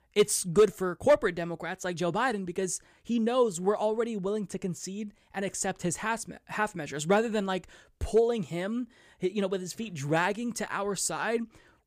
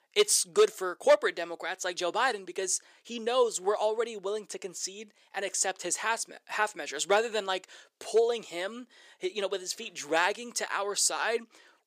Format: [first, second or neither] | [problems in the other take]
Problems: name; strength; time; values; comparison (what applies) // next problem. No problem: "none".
first | thin; very; fading below 400 Hz